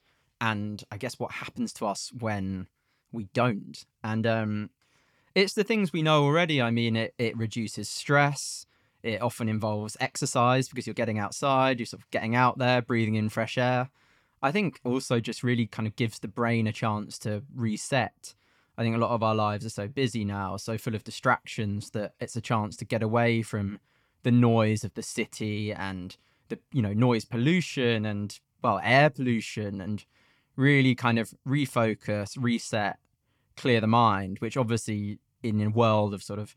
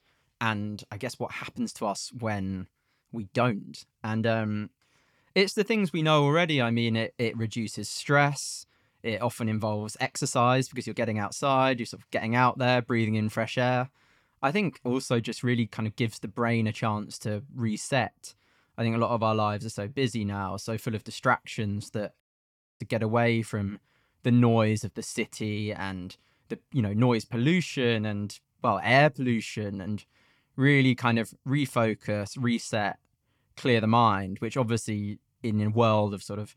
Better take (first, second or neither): first